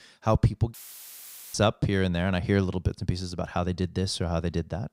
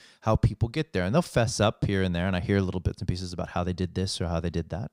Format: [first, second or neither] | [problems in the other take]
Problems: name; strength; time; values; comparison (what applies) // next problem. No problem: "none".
second | audio cutting out; filled with static; at 0.5 s for 1 s